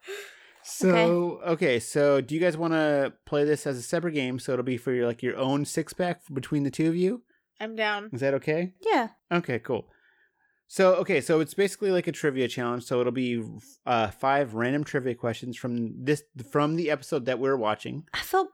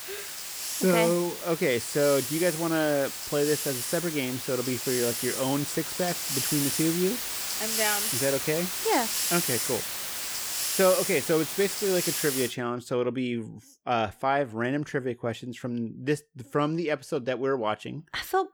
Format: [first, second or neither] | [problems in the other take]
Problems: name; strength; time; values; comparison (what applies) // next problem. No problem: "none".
first | hiss; loud; until 12 s; 1 dB below the speech